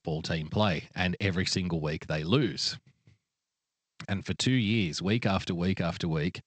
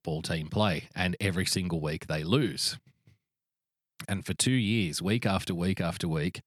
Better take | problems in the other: second | garbled, watery; slightly; nothing above 8 kHz

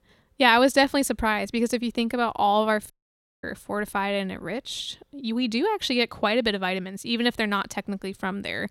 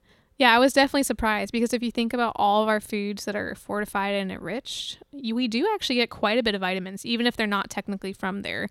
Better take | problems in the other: second | audio cutting out; at 3 s for 0.5 s

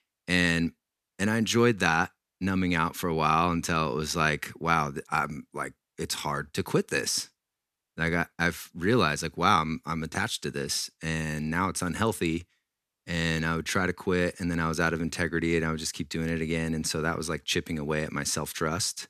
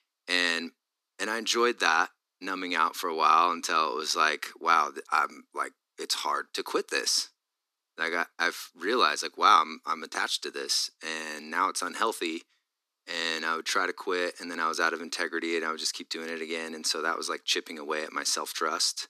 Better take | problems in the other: first | thin; very; fading below 300 Hz

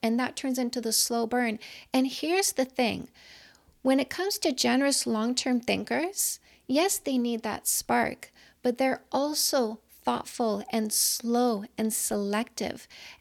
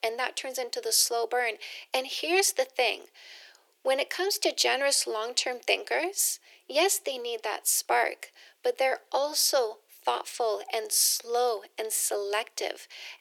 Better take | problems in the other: first | thin; very; fading below 350 Hz

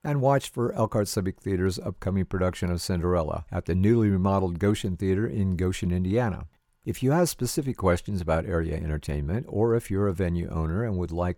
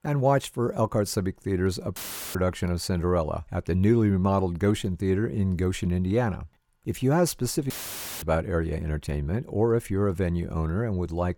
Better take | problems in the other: first | audio cutting out; filled with static; at 2 s and at 7.5 s for 0.5 s

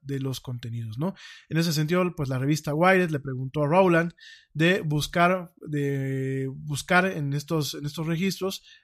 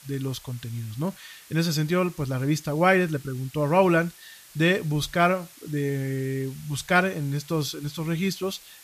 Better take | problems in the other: first | hiss; faint; throughout; 20 dB below the speech

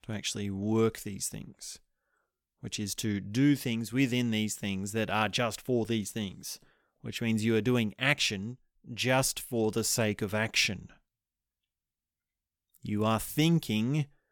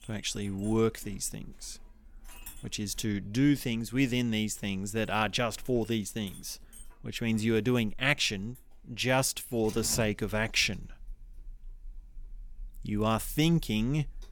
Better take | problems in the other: first | household noises; faint; throughout; 20 dB below the speech

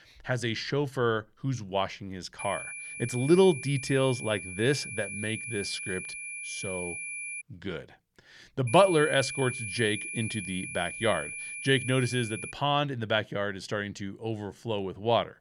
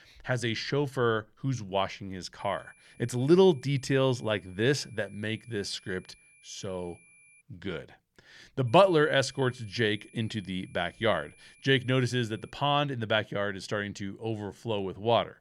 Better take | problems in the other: second | high-pitched whine; loud; from 2.5 to 7.5 s and from 8.5 to 13 s; 2.5 kHz, 7 dB below the speech; faint in the second

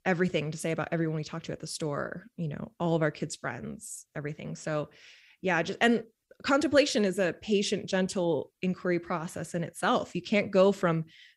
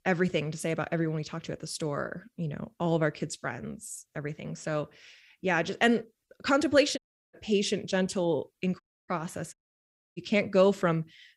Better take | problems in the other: first | audio cutting out; at 7 s, at 9 s and at 9.5 s for 0.5 s

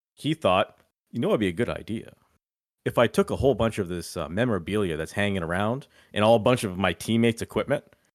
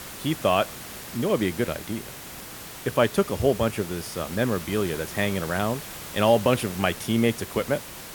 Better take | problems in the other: first | hiss; noticeable; throughout; 10 dB below the speech

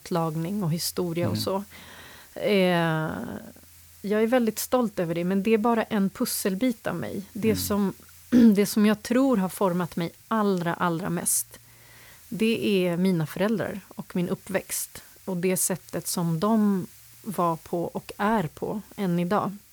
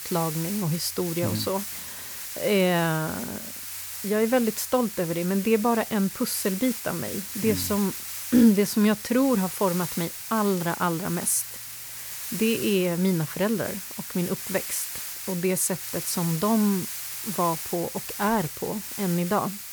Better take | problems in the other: first | hiss; loud; throughout; 7 dB below the speech; faint in the first

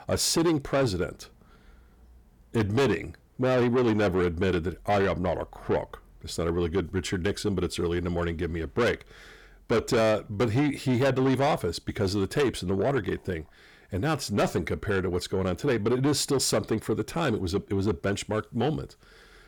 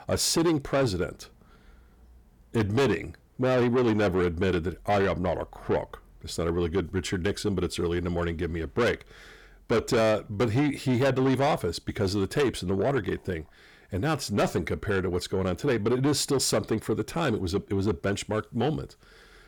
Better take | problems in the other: neither | distortion; heavy; 7 dB below the speech; the same in both

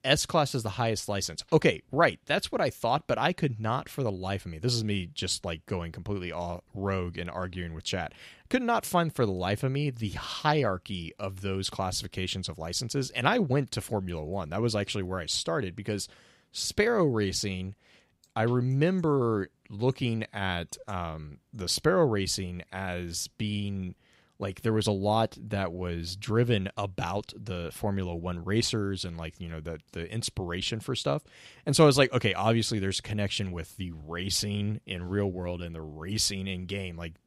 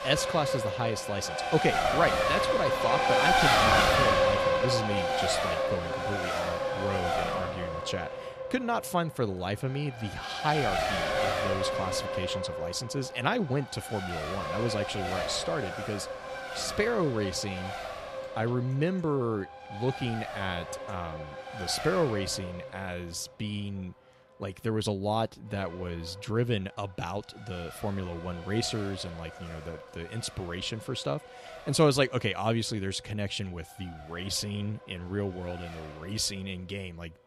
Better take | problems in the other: first | traffic noise; very loud; throughout; 2 dB above the speech

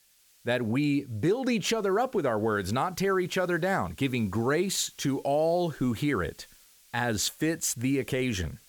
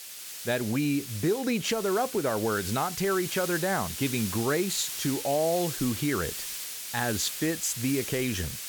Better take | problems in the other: first | hiss; loud; throughout; 6 dB below the speech; faint in the first

